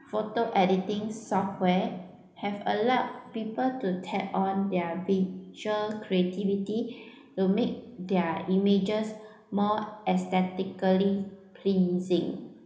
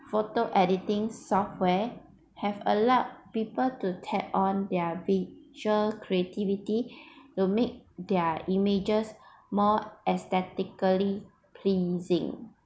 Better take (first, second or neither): second